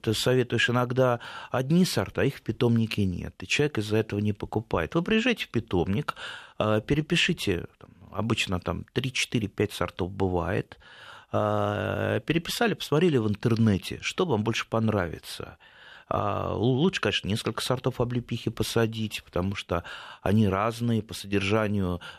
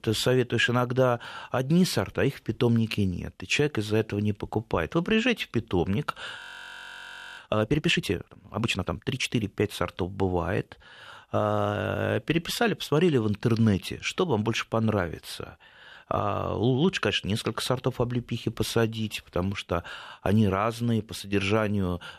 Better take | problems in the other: first | audio freezing; at 6.5 s for 1 s

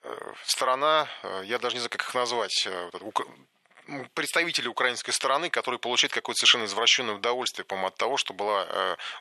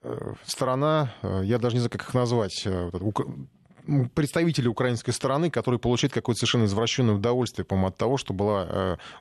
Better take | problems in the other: second | thin; very; fading below 750 Hz

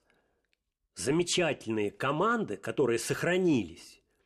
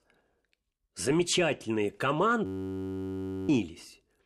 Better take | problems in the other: first | audio freezing; at 2.5 s for 1 s

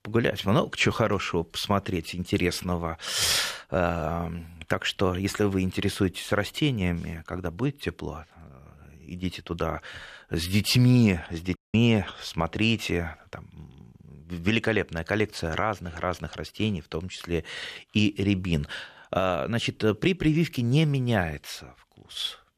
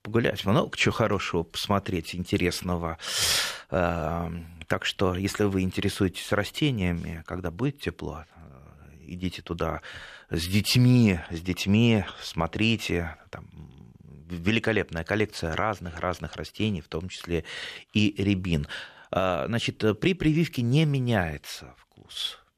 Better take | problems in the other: second | audio cutting out; at 12 s

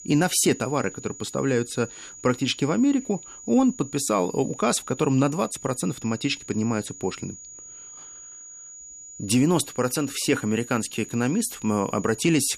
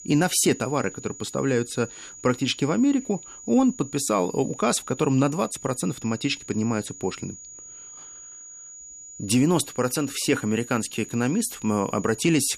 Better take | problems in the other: neither | high-pitched whine; noticeable; throughout; 7 kHz, 15 dB below the speech; the same in both

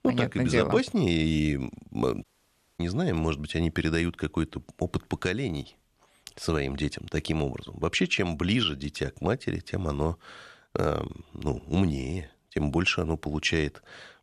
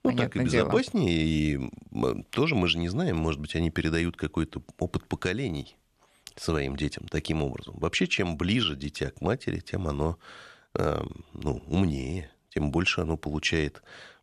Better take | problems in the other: second | audio cutting out; at 2 s for 0.5 s

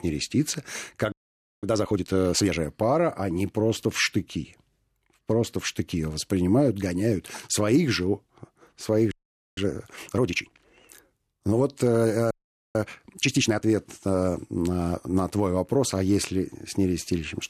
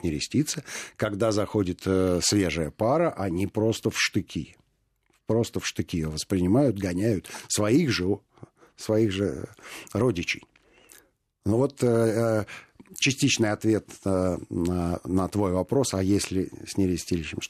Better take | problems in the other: second | audio freezing; at 1 s for 0.5 s, at 9 s and at 12 s

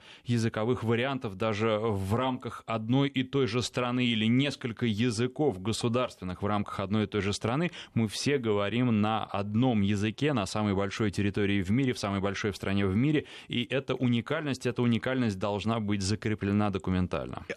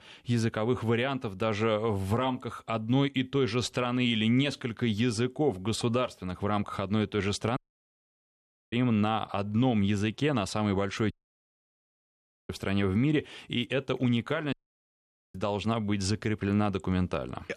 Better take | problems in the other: first | audio cutting out; at 7.5 s for 1 s, at 11 s for 1.5 s and at 15 s for 1 s

